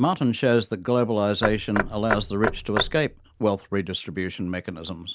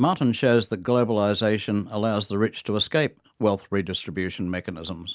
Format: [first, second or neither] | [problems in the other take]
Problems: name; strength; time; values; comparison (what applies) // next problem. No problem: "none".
second | background sound (Knock / Wood); 5 dB below the speech